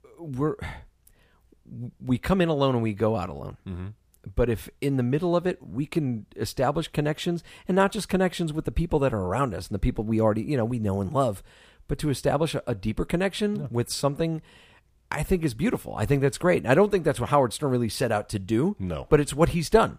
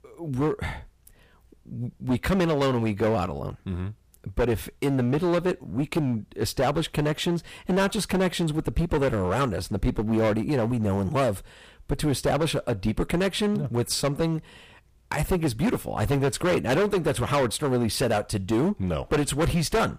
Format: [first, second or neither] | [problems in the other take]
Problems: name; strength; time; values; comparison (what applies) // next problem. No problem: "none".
first | distortion; heavy; 13% of the sound clipped